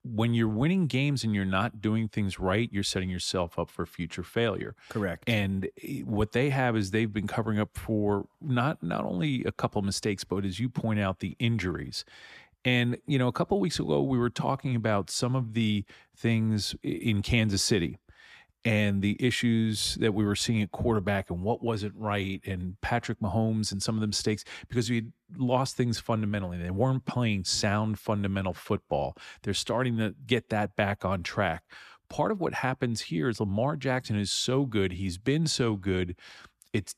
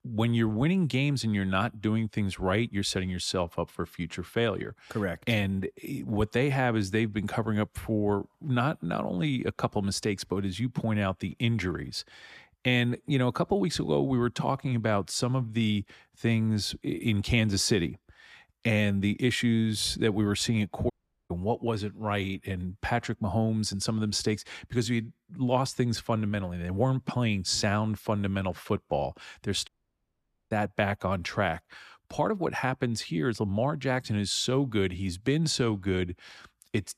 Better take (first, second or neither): first